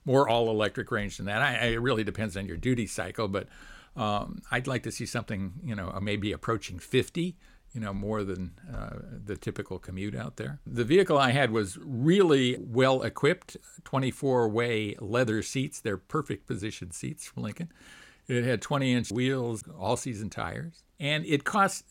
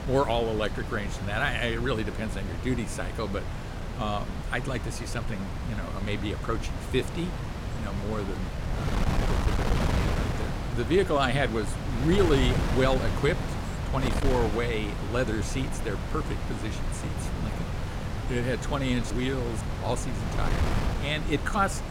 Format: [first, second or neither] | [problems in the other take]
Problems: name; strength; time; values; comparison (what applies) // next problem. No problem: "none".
first | wind noise on the microphone; heavy; 6 dB below the speech